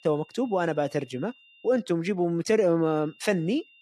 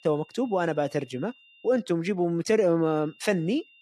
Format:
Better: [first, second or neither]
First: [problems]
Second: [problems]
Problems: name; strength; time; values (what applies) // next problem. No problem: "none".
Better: neither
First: high-pitched whine; faint; until 2 s and at 3 s; 3 kHz, 30 dB below the speech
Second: high-pitched whine; faint; until 2 s and at 3 s; 3 kHz, 30 dB below the speech